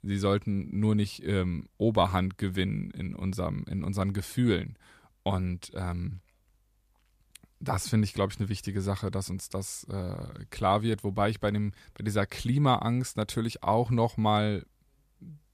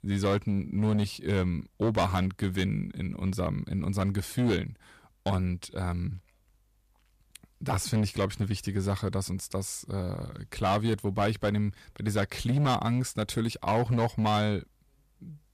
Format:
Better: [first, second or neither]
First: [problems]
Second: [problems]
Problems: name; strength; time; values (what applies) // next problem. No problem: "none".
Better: first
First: none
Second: distortion; slight; 6% of the sound clipped